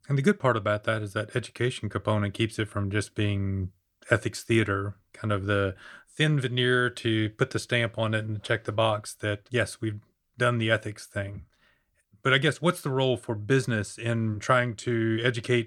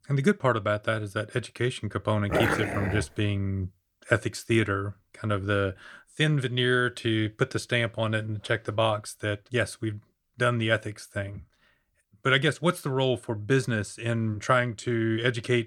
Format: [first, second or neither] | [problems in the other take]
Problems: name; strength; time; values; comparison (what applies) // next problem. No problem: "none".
first | dog barking; loud; at 2.5 s; peak 2 dB above the speech